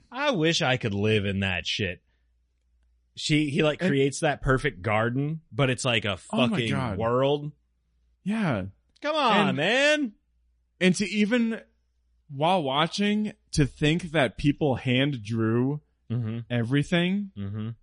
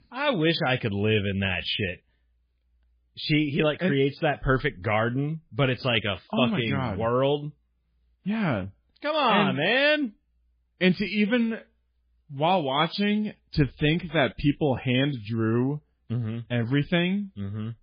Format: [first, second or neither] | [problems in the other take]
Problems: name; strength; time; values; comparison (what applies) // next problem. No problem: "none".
first | garbled, watery; badly; nothing above 4.5 kHz; slightly in the first